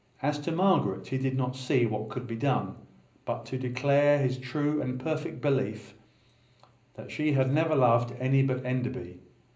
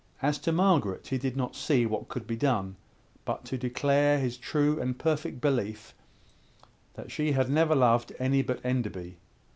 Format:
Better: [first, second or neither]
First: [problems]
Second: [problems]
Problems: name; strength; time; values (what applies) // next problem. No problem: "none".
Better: second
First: room echo; dies away in 0.5 s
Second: none